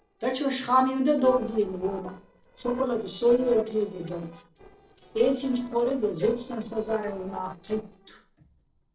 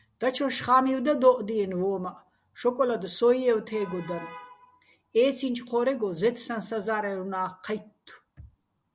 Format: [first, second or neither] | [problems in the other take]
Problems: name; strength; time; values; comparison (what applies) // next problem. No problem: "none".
second | noise reduction (neural separator model SepFormer DNS4)